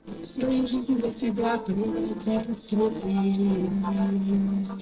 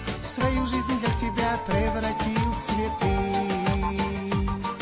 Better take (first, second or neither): second